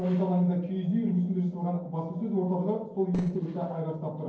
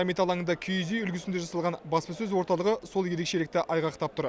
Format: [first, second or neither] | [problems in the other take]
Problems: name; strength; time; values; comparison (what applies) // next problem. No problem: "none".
second | noise reduction (neural separator model SepFormer DNS4)